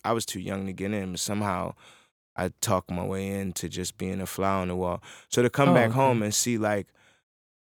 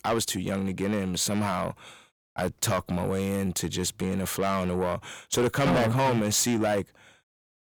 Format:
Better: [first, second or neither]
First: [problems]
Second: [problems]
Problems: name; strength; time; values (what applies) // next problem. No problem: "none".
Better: first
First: none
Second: distortion; heavy; 6 dB below the speech